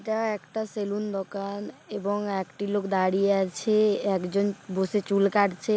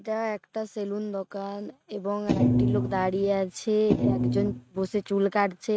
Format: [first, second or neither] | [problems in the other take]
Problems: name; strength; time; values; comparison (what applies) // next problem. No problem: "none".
first | noise reduction (neural mask model RNNoise)